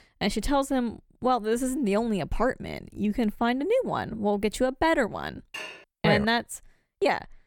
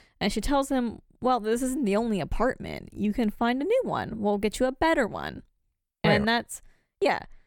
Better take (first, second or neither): second